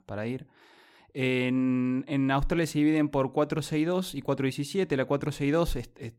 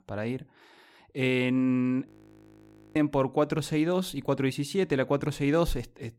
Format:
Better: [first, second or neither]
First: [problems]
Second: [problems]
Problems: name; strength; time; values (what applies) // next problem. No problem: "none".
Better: first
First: none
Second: audio freezing; at 2 s for 1 s